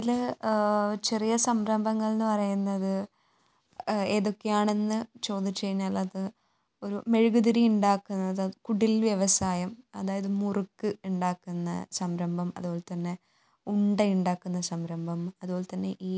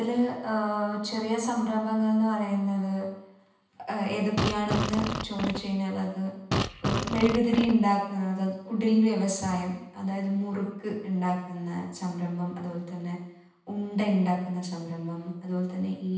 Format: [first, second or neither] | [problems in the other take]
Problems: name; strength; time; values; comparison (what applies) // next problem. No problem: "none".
first | background sound (Fart); 2 dB below the speech // room echo; dies away in 0.9 s